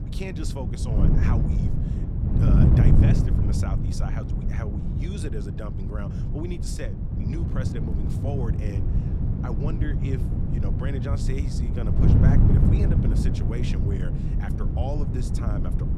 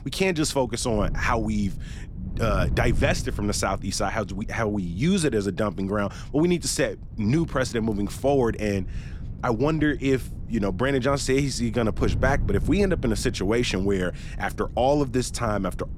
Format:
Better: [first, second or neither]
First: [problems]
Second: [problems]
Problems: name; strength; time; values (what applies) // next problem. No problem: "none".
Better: second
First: wind noise on the microphone; heavy; 3 dB above the speech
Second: wind noise on the microphone; occasional gusts; 20 dB below the speech